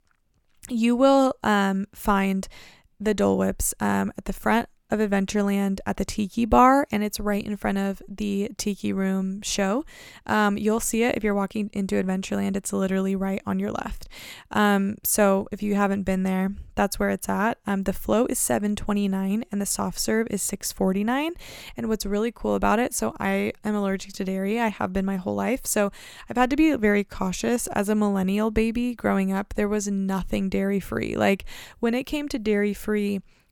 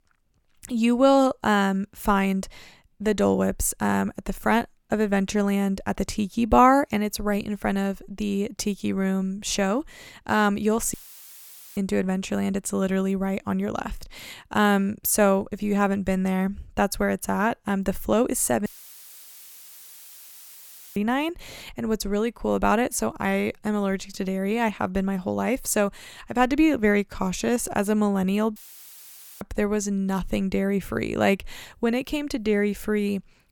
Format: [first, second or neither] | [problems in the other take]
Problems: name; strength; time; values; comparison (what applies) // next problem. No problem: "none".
first | audio cutting out; filled with static; at 11 s for 1 s, at 19 s for 2.5 s and at 29 s for 1 s